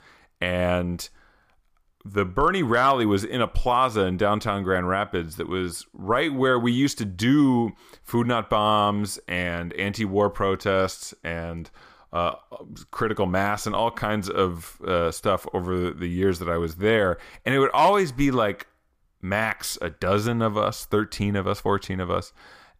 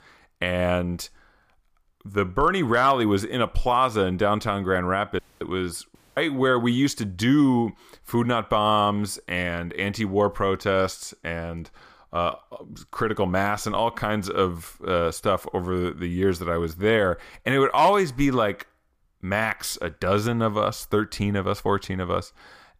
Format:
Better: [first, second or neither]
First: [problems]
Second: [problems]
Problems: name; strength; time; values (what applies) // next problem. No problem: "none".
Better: first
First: none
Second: audio cutting out; at 5 s and at 6 s